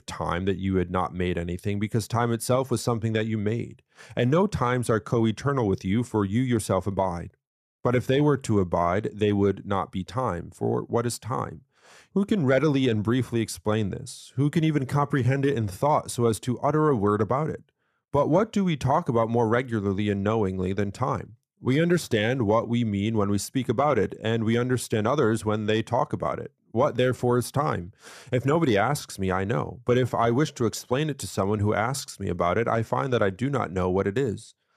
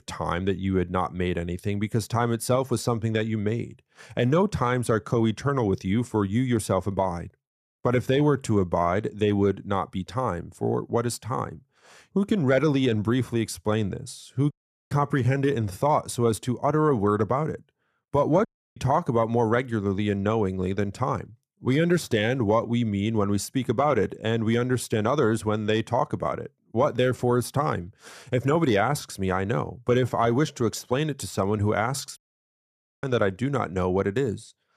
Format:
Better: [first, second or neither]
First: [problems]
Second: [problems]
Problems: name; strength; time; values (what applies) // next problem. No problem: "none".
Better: first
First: none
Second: audio cutting out; at 15 s, at 18 s and at 32 s for 1 s